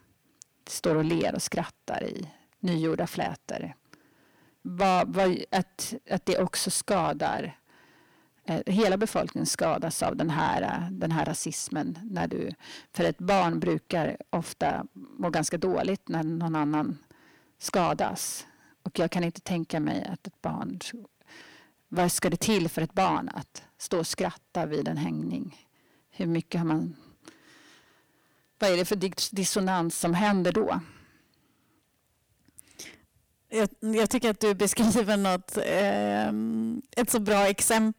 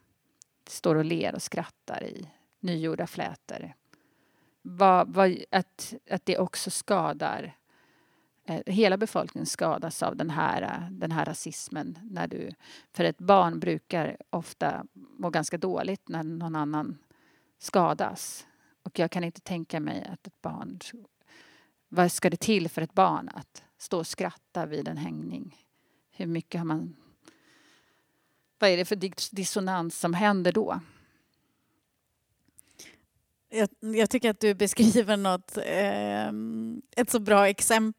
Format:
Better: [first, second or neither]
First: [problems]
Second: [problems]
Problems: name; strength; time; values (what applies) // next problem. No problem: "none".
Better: second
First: distortion; heavy; 6 dB below the speech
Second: none